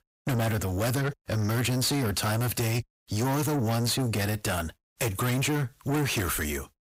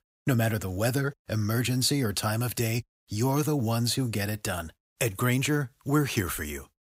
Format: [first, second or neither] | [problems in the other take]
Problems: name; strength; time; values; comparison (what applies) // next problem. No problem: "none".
second | distortion; heavy; 7 dB below the speech